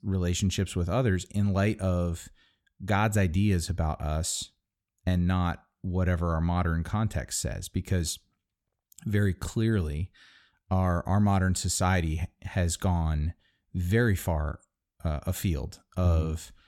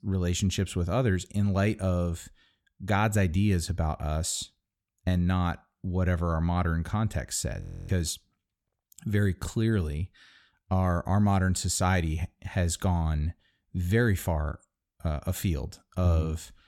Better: first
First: none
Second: audio freezing; at 7.5 s

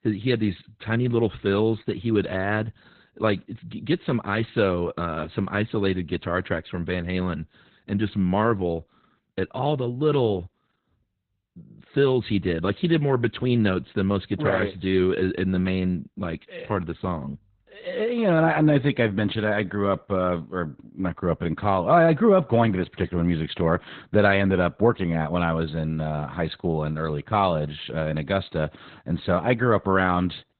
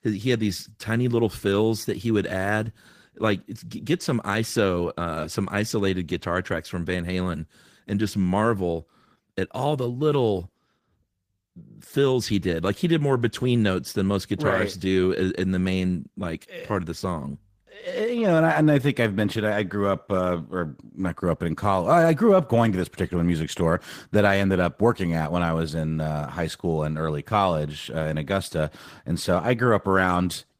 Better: second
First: garbled, watery; badly; nothing above 4 kHz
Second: garbled, watery; slightly; nothing above 15 kHz

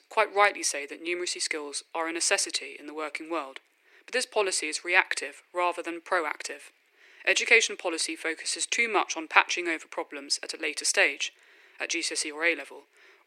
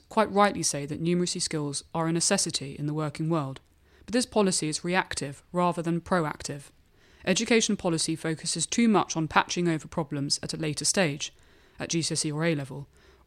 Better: second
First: thin; very; fading below 350 Hz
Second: none

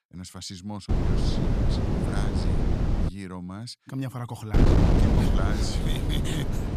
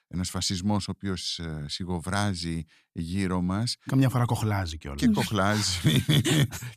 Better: second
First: wind noise on the microphone; heavy; from 1 to 3 s and from 4.5 s on; 5 dB above the speech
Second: none

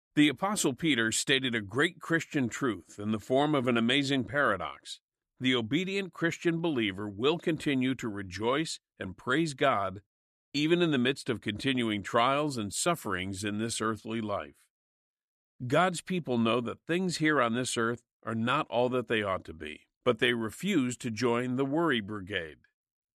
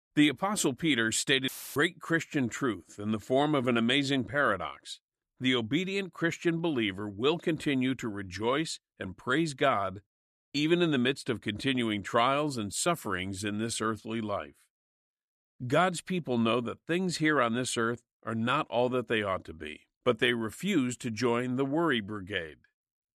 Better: first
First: none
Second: audio cutting out; filled with static; at 1.5 s

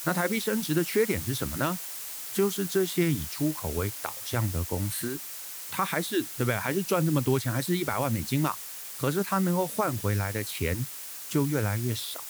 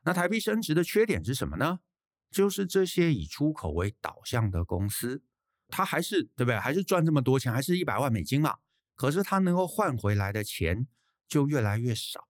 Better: second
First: hiss; loud; throughout; 6 dB below the speech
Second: none

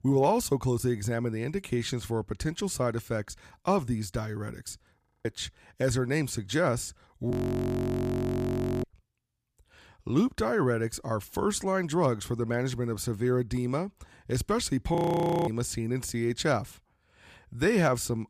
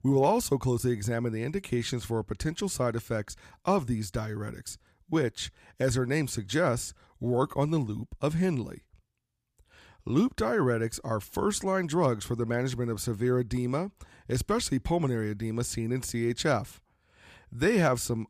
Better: second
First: audio freezing; at 5 s, at 7.5 s for 1.5 s and at 15 s for 0.5 s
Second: none

